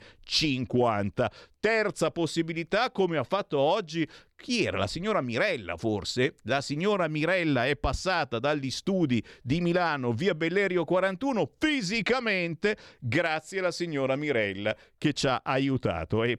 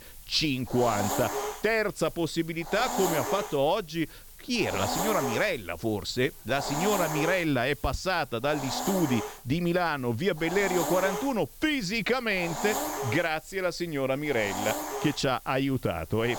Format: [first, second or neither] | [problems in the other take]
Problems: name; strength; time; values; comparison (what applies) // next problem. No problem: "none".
first | hiss; loud; throughout; 5 dB below the speech